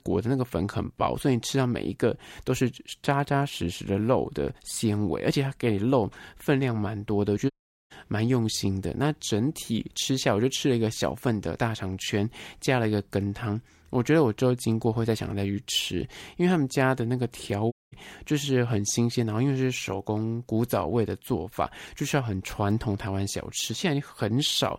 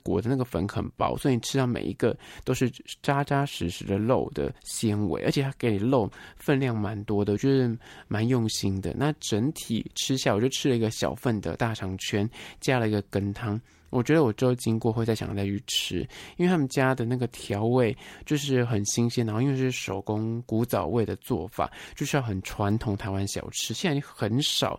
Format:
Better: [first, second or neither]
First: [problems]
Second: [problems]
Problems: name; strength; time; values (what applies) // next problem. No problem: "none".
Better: second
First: audio cutting out; at 7.5 s and at 18 s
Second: none